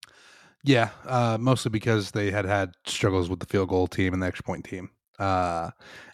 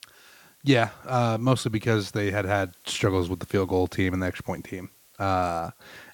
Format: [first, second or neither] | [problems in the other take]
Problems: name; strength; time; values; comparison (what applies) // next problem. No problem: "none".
first | hiss; faint; throughout; 30 dB below the speech